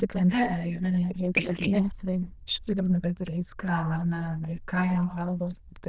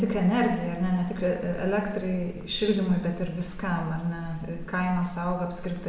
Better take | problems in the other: second | noise reduction (neural diffusion model UNIVERSE++)

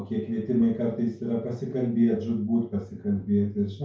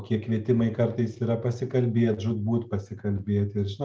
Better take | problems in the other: second | room echo; dies away in 0.3 s

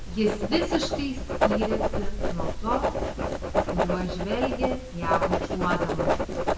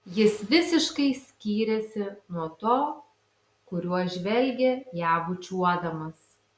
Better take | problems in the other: second | background sound (Writing); 4 dB above the speech // room echo; dies away in 0.9 s

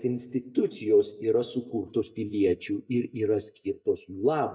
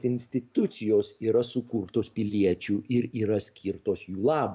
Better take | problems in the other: second | noise reduction (neural mask model DeepFilterNet 3)

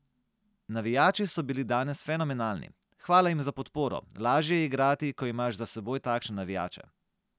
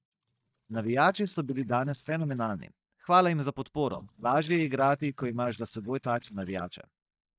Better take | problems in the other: first | noise reduction (neural mask model DeepFilterNet 3)

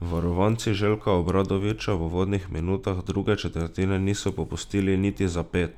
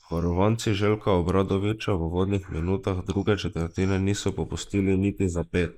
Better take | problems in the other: first | noise reduction (neural mask model Resemble Enhance denoiser)

